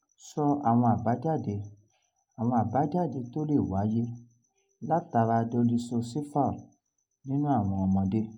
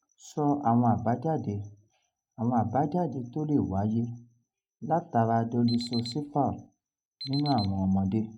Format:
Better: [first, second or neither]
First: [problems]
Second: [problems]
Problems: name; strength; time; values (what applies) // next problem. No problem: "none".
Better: first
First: none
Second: noise reduction (neural mask model RNNoise)